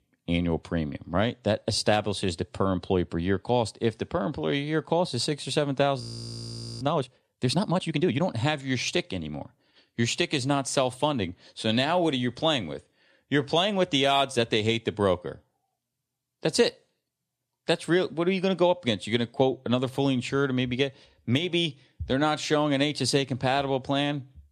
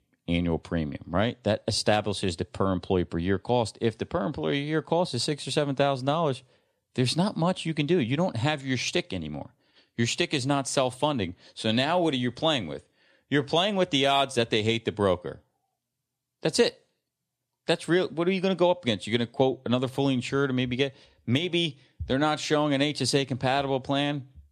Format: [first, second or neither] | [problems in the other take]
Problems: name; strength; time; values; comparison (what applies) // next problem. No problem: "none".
second | audio freezing; at 6 s for 1 s